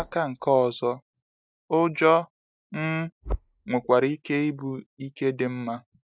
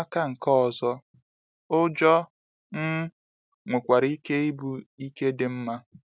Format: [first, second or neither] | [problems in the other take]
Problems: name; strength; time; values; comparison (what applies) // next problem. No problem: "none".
second | noise reduction (neural mask model DeepFilterNet 3)